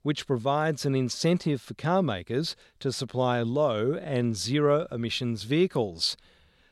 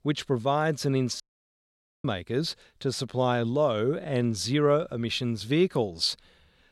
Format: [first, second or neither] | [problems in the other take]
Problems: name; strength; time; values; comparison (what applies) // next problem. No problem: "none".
first | audio cutting out; at 1 s for 1 s